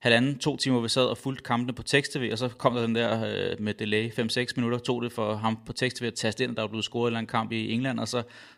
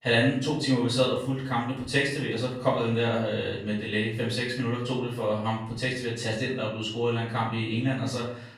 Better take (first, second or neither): first